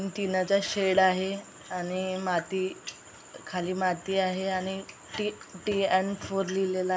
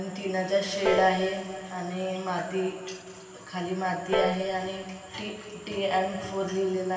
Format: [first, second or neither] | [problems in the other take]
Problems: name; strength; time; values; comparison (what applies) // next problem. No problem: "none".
first | background sound (Piano); 7 dB below the speech // room echo; dies away in 2.6 s